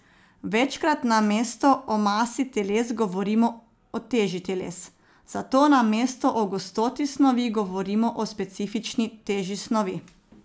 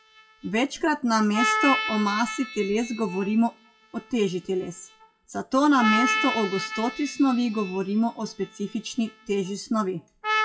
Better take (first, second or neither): first